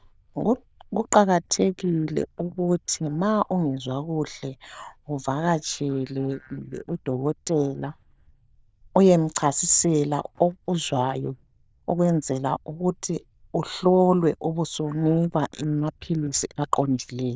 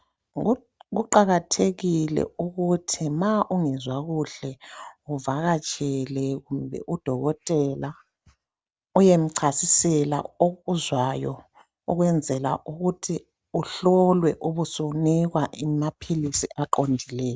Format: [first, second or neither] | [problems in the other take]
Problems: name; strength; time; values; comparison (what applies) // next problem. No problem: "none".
second | noise reduction (neural diffusion model UNIVERSE++)